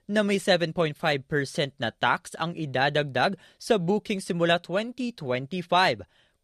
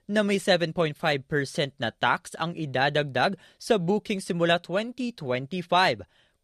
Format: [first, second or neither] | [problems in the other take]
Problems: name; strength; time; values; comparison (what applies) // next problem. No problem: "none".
neither | none